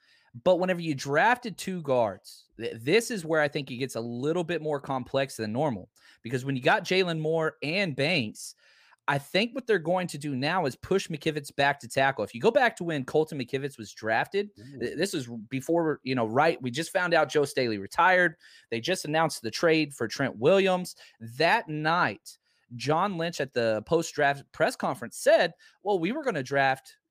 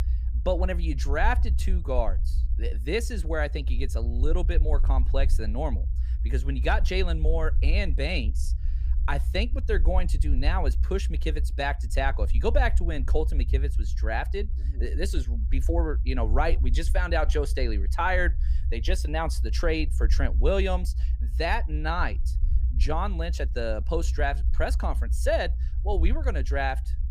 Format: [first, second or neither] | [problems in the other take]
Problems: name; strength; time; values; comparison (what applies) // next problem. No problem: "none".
first | low rumble; noticeable; throughout; 20 dB below the speech